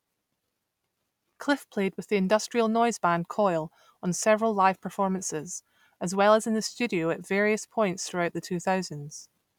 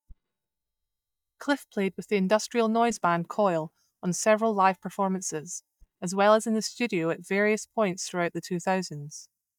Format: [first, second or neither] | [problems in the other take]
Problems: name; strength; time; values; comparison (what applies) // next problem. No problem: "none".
first | noise reduction (neural mask model DeepFilterNet 3)